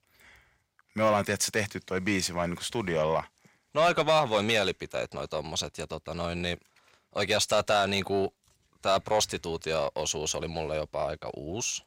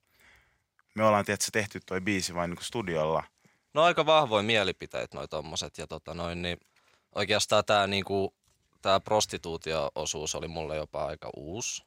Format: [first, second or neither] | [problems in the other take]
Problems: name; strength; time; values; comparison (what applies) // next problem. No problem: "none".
second | distortion; slight; 10 dB below the speech